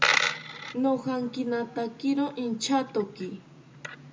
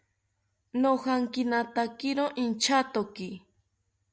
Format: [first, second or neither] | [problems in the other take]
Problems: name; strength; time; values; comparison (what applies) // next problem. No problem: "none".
second | background sound (Coin (dropping)); 3 dB below the speech // room echo; dies away in 0.2 s